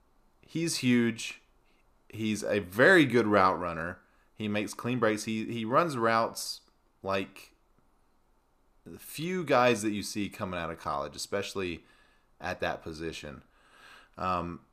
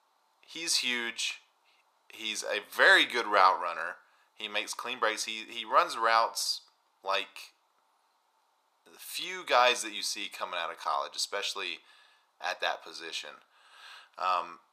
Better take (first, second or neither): first